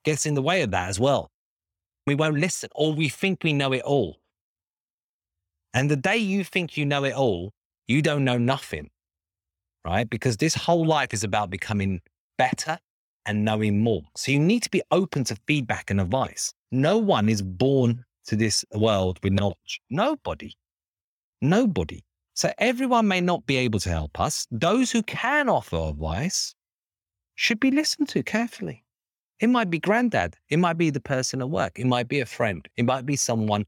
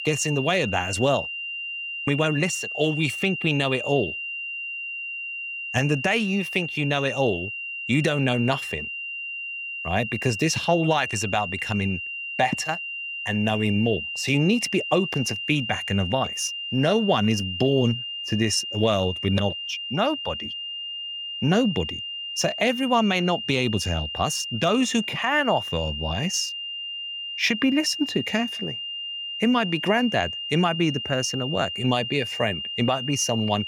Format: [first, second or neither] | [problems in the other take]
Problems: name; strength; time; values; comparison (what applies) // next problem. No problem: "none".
first | high-pitched whine; loud; throughout; 3 kHz, 5 dB below the speech